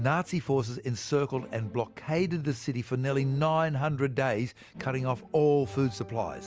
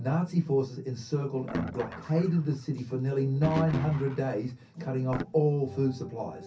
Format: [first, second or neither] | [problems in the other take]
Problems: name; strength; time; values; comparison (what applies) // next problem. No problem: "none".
first | background sound (Guitar); 10 dB below the speech // room echo; dies away in 0.3 s